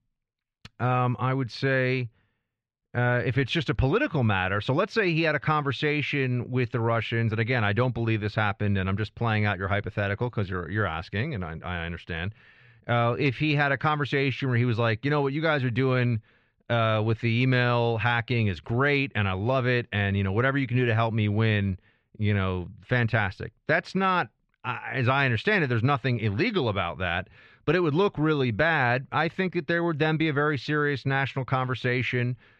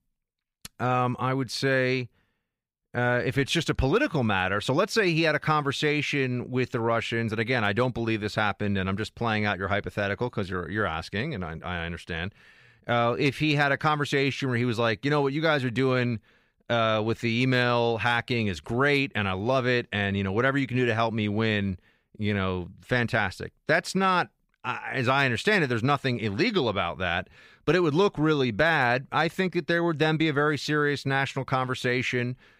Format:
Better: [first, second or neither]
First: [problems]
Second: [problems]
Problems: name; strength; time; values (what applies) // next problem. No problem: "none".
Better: second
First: muffled; very slightly; fading above 3 kHz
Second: none